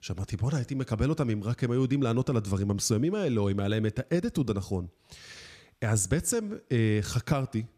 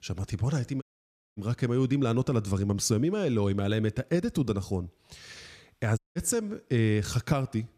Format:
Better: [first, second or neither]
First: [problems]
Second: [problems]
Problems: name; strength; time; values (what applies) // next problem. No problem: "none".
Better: first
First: none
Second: audio cutting out; at 1 s for 0.5 s and at 6 s